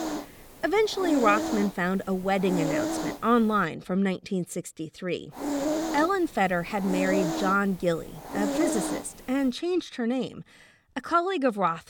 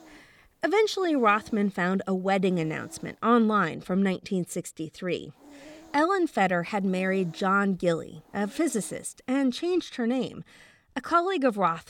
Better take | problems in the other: second | hiss; loud; until 3.5 s and from 5.5 to 9.5 s; 4 dB below the speech; faint in the second

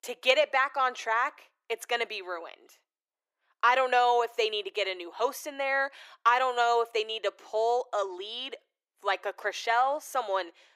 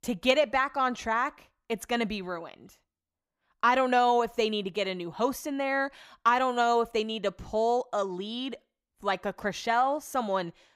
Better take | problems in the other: second | thin; very; fading below 350 Hz

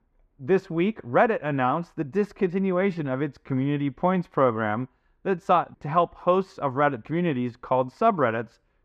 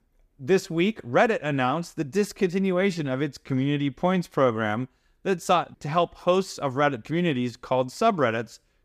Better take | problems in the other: second | muffled; very; fading above 4 kHz

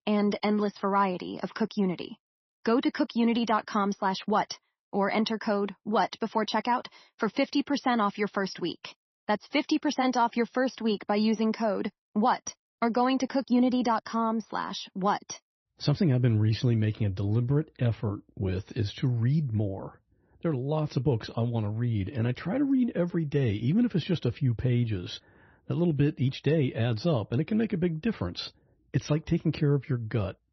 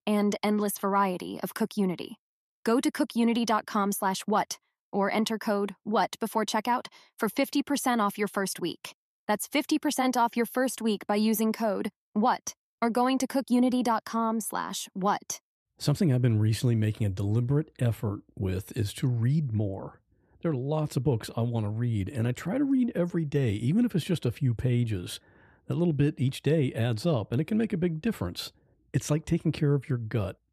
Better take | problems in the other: second | garbled, watery; slightly; nothing above 6 kHz

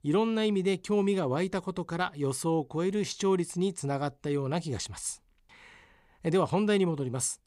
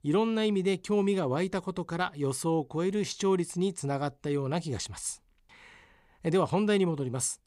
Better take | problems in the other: neither | none

